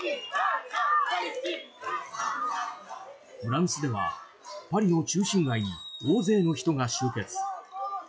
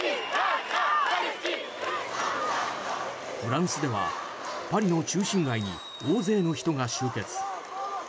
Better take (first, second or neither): second